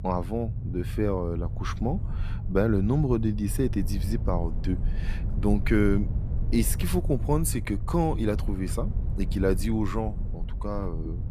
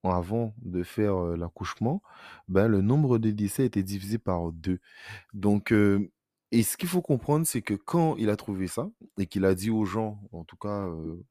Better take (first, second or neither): second